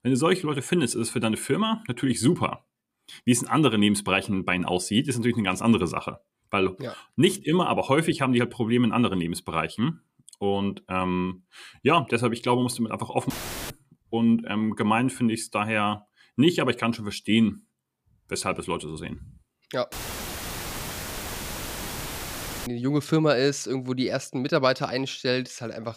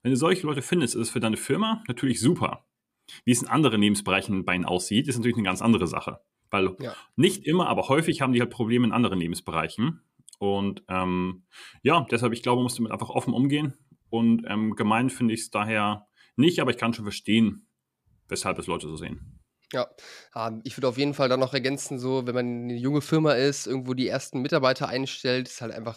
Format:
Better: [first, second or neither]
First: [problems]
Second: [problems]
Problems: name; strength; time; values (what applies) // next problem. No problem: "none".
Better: second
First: audio cutting out; filled with static; at 13 s and at 20 s for 3 s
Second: none